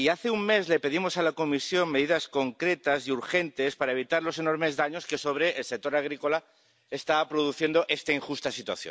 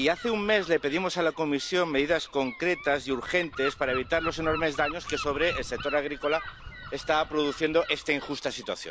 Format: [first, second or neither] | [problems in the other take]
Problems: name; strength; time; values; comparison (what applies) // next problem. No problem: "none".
first | background sound (Gull, seagull / Wind); 12 dB below the speech